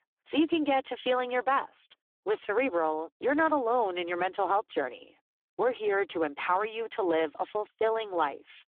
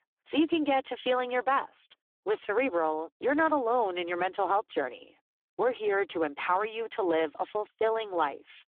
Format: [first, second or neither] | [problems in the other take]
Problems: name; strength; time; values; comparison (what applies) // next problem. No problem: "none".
neither | phone-call audio; poor line; the same in both